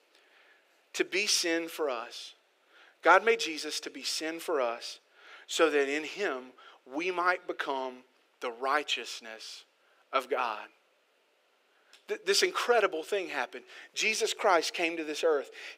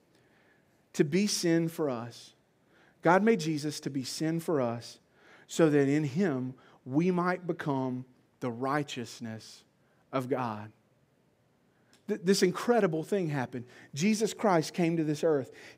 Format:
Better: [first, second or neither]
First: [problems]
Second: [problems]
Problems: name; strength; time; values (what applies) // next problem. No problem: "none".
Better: second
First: thin; very; fading below 400 Hz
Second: none